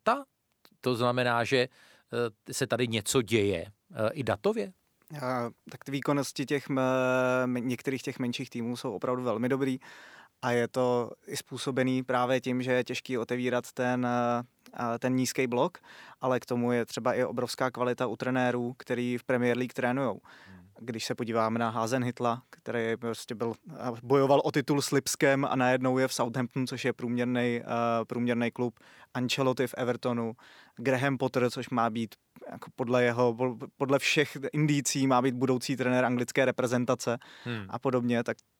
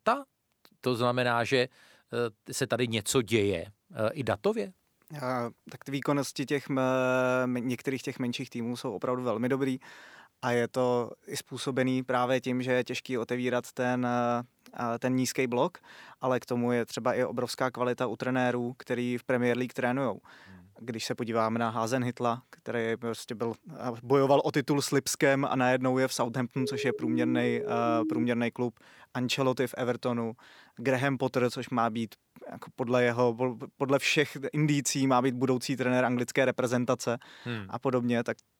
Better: first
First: none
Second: siren; noticeable; from 27 to 28 s; peak 2 dB below the speech

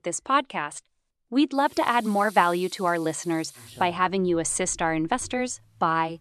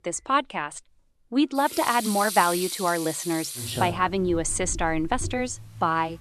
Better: first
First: household noises; faint; throughout; 20 dB below the speech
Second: household noises; loud; throughout; 8 dB below the speech

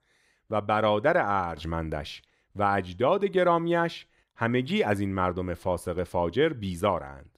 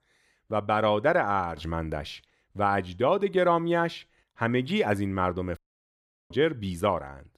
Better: first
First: none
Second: audio cutting out; at 5.5 s for 0.5 s

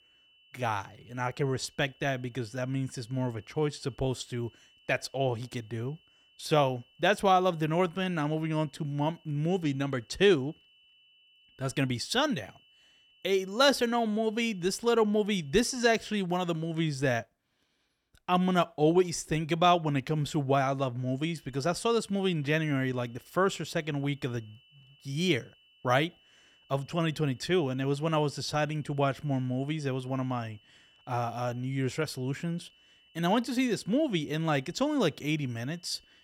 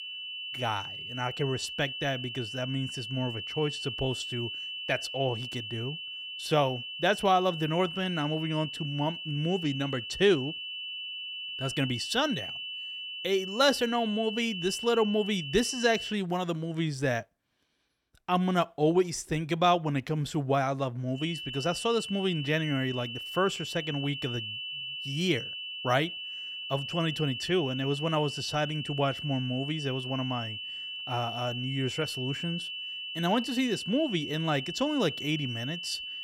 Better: first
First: high-pitched whine; faint; until 16 s and from 21 s on; 3 kHz, 30 dB below the speech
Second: high-pitched whine; loud; until 16 s and from 21 s on; 3 kHz, 6 dB below the speech

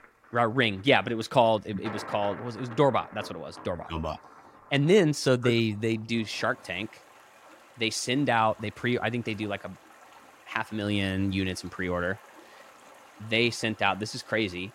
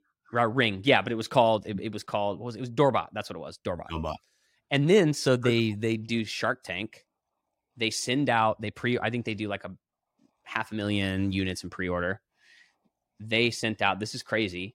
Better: second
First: rain or running water; faint; throughout; 20 dB below the speech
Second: none

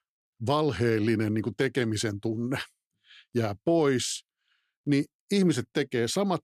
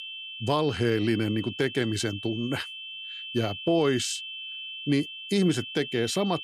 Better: first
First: none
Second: high-pitched whine; loud; throughout; 3 kHz, 9 dB below the speech

